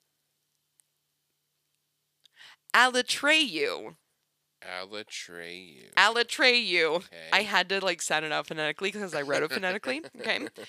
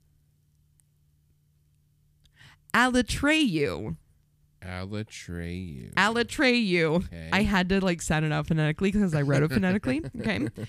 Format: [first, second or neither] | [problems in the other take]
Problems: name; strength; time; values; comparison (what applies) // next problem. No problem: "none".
second | thin; very; fading below 550 Hz